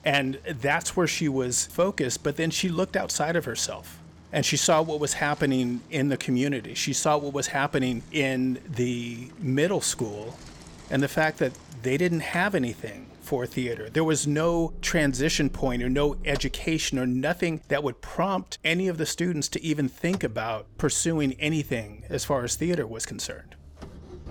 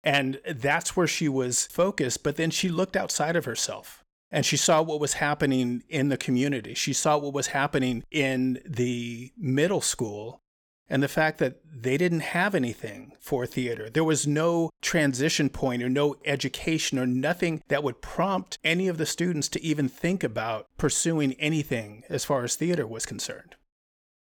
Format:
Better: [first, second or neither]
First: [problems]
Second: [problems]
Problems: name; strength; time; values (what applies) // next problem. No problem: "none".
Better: second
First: traffic noise; faint; throughout; 20 dB below the speech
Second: none